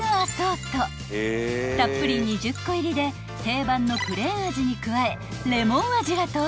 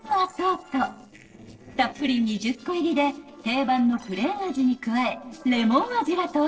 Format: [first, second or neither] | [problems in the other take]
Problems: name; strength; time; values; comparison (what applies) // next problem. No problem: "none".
first | noise reduction (neural separator model SepFormer DNS4)